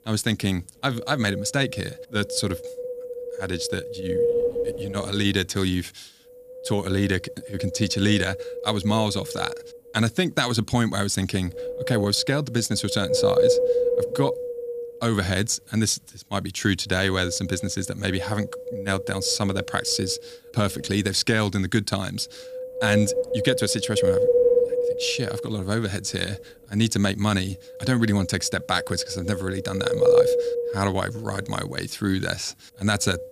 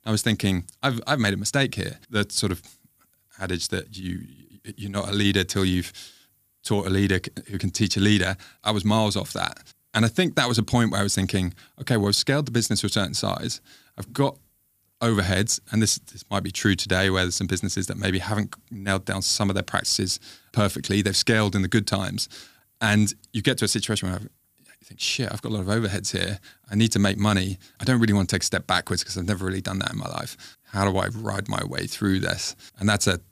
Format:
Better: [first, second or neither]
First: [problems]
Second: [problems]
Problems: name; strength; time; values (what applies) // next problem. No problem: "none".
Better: second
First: wind noise on the microphone; heavy; as loud as the speech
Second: none